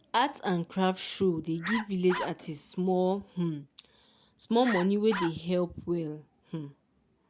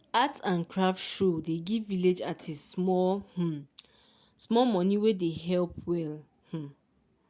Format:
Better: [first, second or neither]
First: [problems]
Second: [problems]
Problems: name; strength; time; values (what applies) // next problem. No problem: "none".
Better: second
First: background sound (Bark); 8 dB below the speech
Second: none